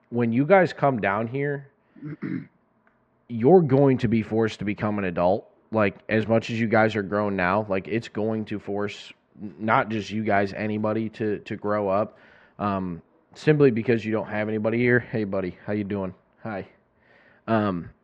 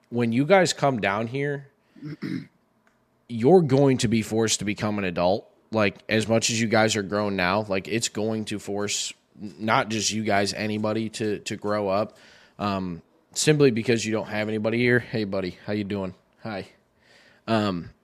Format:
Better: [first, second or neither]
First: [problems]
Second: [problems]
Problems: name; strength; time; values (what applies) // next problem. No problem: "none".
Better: second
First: muffled; very; fading above 1.5 kHz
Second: none